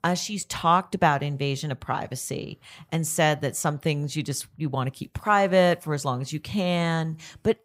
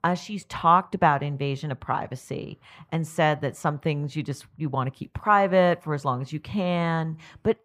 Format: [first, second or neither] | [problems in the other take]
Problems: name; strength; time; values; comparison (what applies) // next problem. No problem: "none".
first | muffled; slightly; fading above 4 kHz